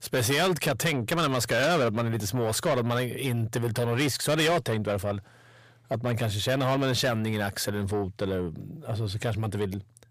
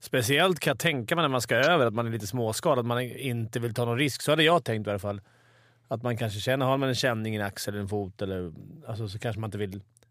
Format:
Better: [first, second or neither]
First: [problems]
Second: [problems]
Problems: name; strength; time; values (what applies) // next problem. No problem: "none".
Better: second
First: distortion; heavy; 7 dB below the speech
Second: none